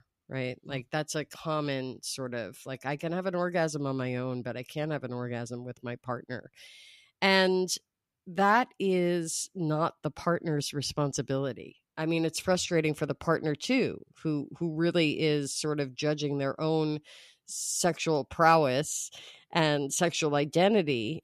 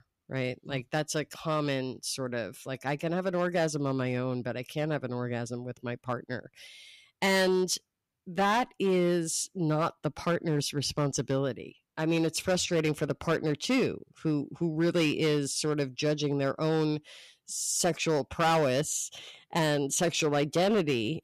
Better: first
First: none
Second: distortion; slight; 5% of the sound clipped

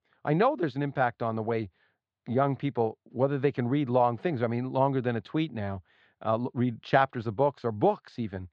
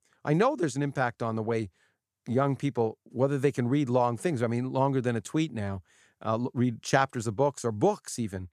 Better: second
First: muffled; very; fading above 4 kHz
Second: none

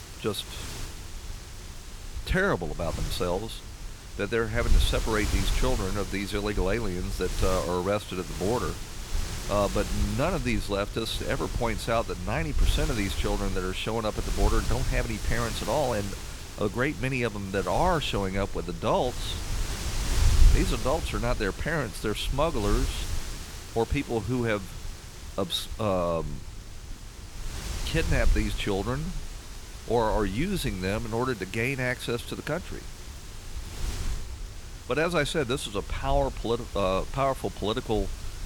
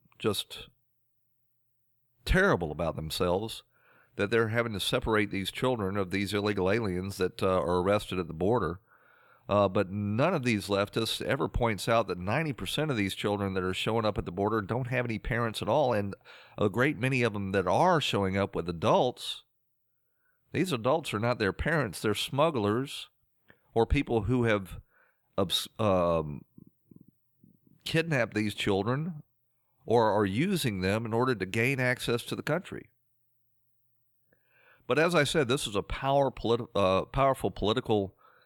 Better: second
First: wind noise on the microphone; occasional gusts; 10 dB below the speech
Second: none

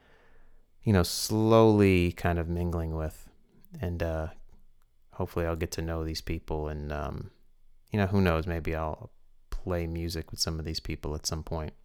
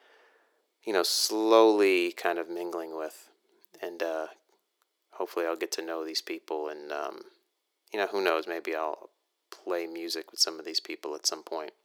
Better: first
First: none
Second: thin; very; fading below 350 Hz

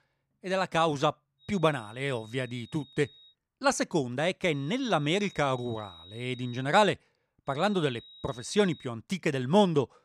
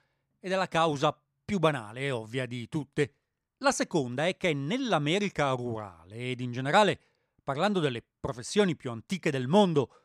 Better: second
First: high-pitched whine; faint; from 1.5 to 3.5 s, from 4.5 to 6.5 s and from 7.5 to 9 s; 4 kHz, 20 dB below the speech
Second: none

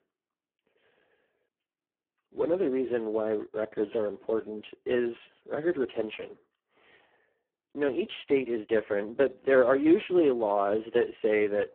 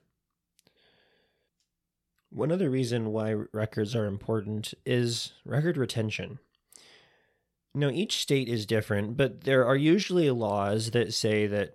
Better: second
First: phone-call audio; poor line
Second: none

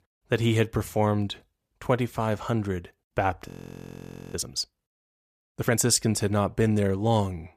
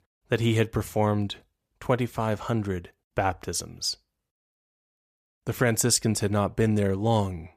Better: second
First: audio freezing; at 3.5 s for 1 s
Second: none

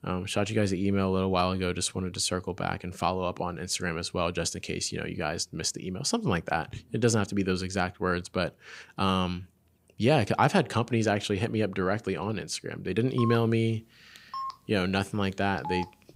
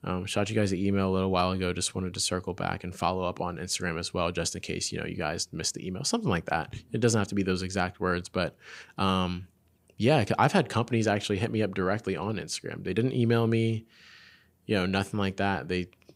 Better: second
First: phone ringing; noticeable; from 13 s on; peak 8 dB below the speech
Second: none

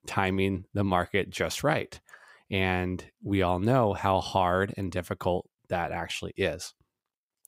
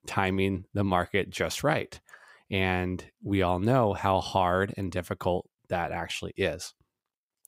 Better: neither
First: none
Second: none

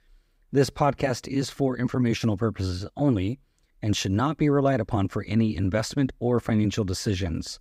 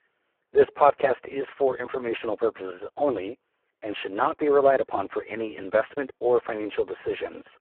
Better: first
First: none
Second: phone-call audio; poor line

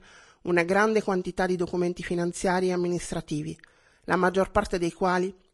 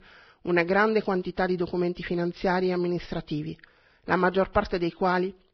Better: first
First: garbled, watery; slightly; nothing above 10.5 kHz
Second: garbled, watery; badly; nothing above 5.5 kHz

